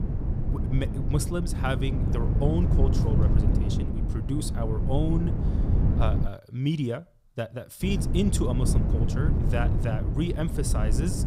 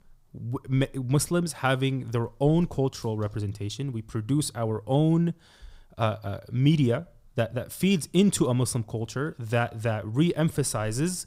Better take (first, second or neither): second